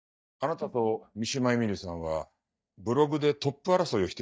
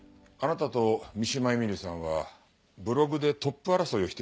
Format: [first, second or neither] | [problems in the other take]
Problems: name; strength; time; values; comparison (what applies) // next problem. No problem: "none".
second | noise reduction (neural mask model DeepFilterNet 3)